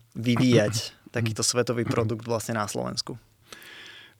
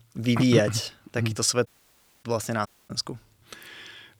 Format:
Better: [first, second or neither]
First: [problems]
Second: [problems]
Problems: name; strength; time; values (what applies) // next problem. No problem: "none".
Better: first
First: none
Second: audio cutting out; at 1.5 s for 0.5 s and at 2.5 s